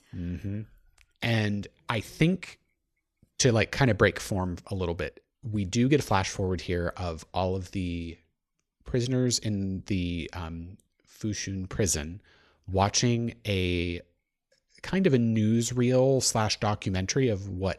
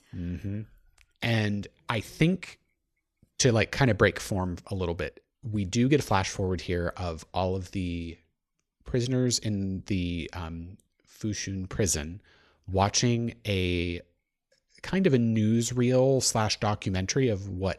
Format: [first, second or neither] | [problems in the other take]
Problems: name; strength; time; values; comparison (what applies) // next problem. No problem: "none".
neither | none